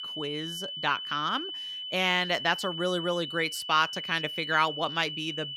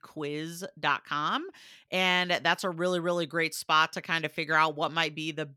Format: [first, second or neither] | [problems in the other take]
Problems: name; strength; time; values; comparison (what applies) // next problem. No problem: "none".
second | high-pitched whine; loud; throughout; 3 kHz, 6 dB below the speech